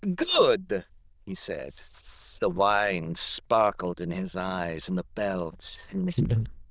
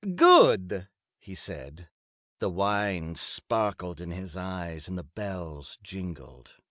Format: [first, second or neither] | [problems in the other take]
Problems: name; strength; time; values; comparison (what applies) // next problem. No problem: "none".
second | noise reduction (neural diffusion model UNIVERSE++)